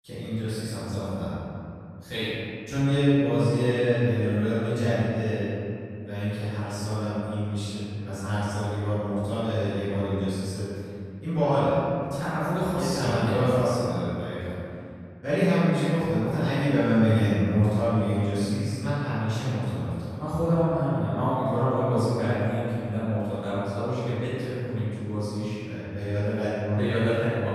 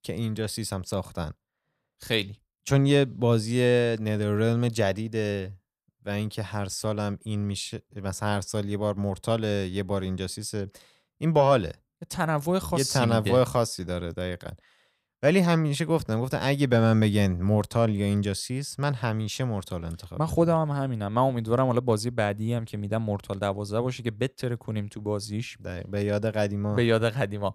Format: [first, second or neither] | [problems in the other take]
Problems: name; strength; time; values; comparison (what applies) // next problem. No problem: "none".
second | off-mic speech; far // room echo; strong; dies away in 2.5 s